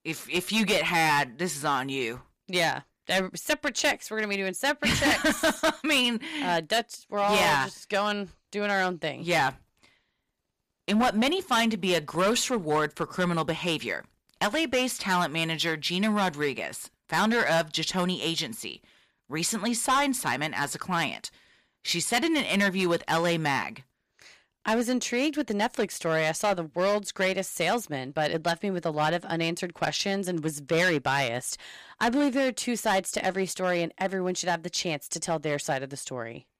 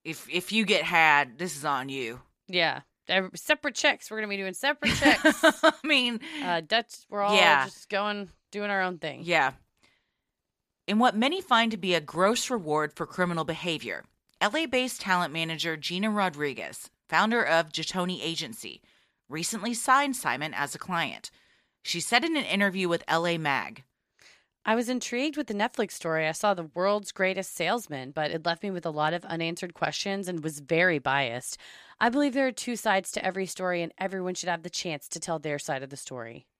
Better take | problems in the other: second | distortion; heavy; 7% of the sound clipped

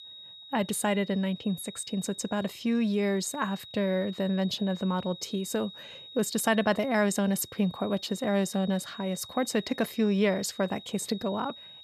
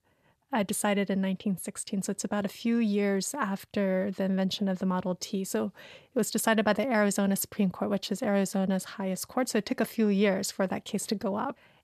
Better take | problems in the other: second | high-pitched whine; noticeable; throughout; 4 kHz, 15 dB below the speech

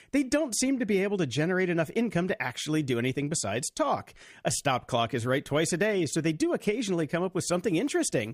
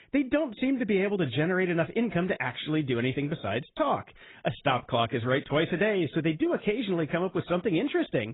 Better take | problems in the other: first | garbled, watery; badly; nothing above 3.5 kHz

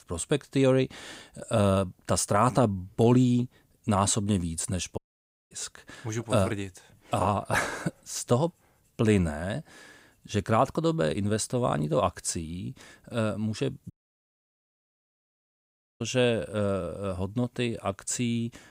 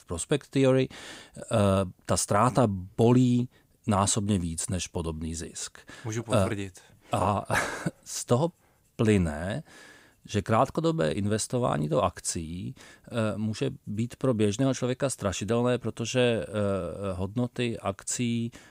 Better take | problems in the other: second | audio cutting out; at 5 s for 0.5 s and at 14 s for 2 s

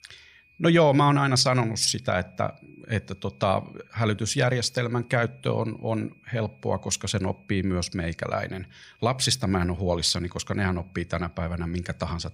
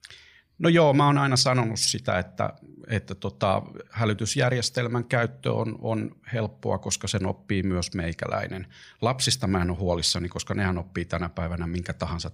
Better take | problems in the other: second | high-pitched whine; faint; throughout; 2.5 kHz, 35 dB below the speech

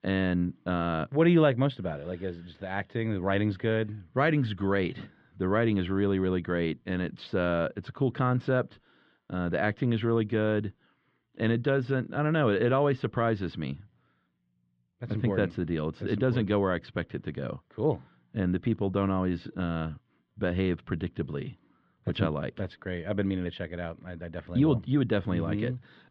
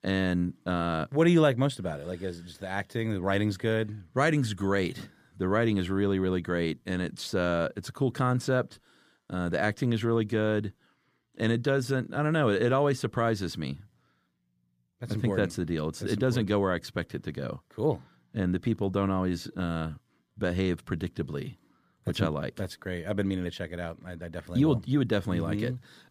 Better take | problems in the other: second | muffled; slightly; fading above 3 kHz

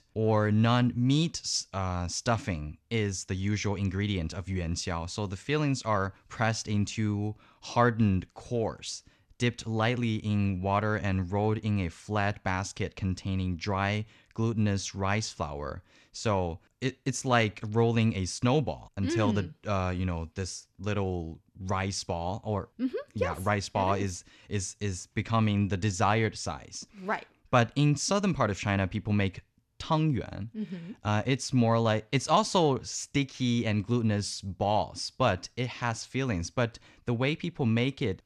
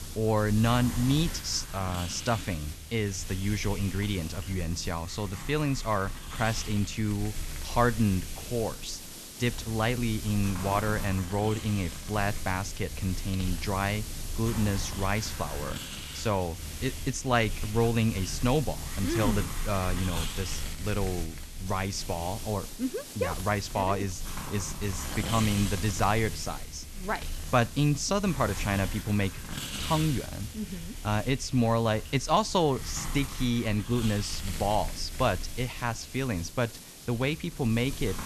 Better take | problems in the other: first | hiss; loud; throughout; 8 dB below the speech

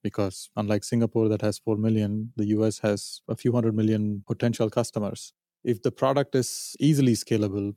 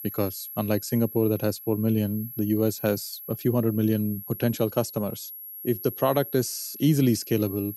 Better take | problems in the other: first | high-pitched whine; noticeable; throughout; 11.5 kHz, 10 dB below the speech

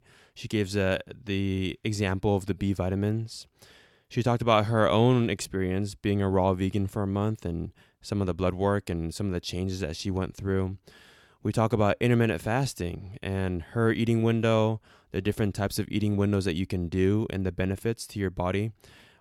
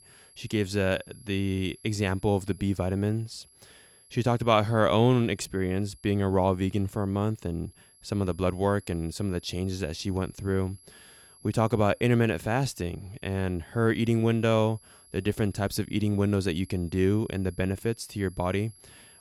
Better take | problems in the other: first | high-pitched whine; faint; throughout; 11 kHz, 25 dB below the speech

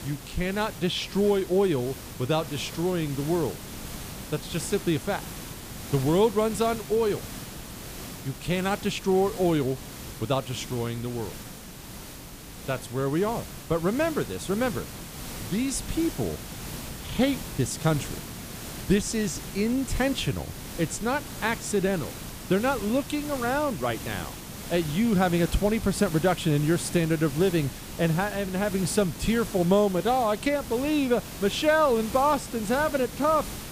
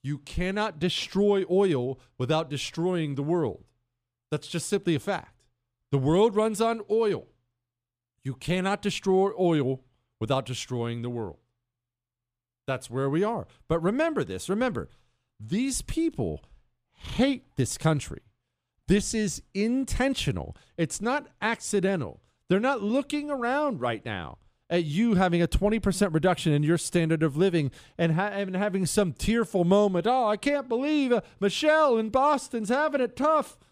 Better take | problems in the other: second | hiss; noticeable; throughout; 10 dB below the speech

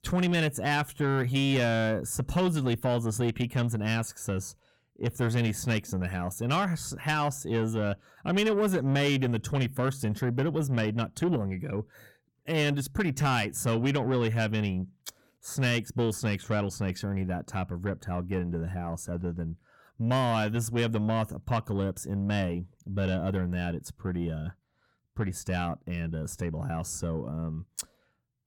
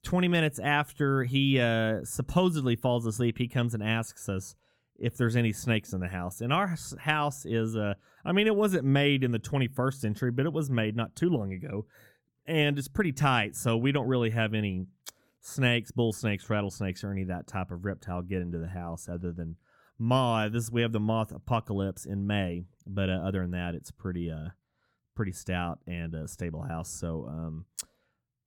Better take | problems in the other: second | distortion; slight; 10 dB below the speech

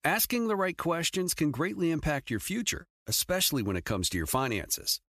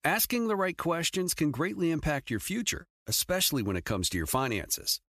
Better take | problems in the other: neither | none

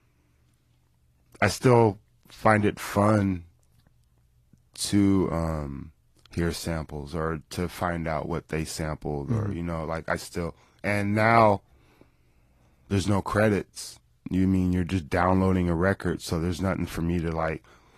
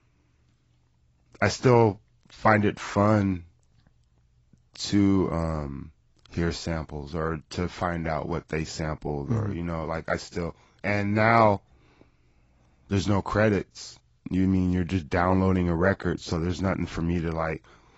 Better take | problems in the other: first | garbled, watery; badly; nothing above 7.5 kHz; slightly in the first

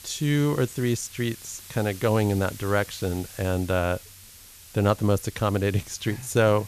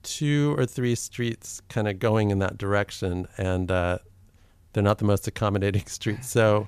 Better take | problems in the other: second | hiss; noticeable; throughout; 15 dB below the speech

